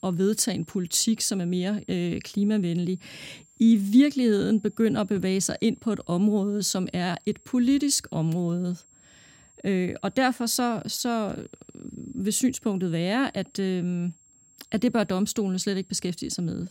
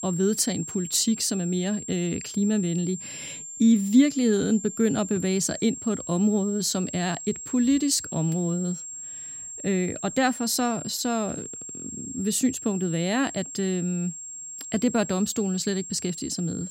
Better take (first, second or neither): first